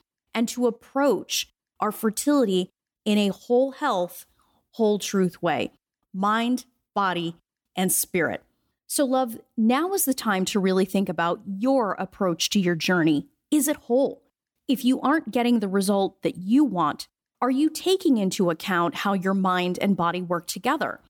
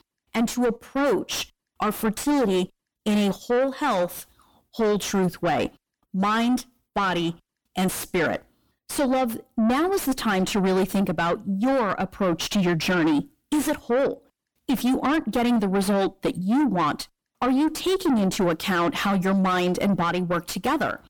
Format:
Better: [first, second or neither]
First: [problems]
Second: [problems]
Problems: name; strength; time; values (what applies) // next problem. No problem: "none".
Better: first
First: none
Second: distortion; heavy; 6 dB below the speech